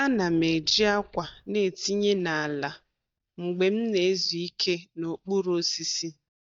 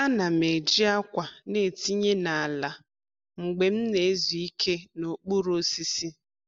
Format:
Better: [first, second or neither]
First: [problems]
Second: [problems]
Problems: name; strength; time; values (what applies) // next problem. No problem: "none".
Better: second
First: noise reduction (neural mask model DeepFilterNet 3)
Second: none